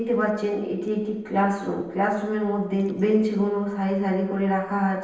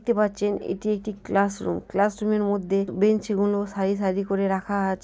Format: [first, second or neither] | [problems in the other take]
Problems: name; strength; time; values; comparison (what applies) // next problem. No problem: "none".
second | noise reduction (neural separator model SepFormer DNS4)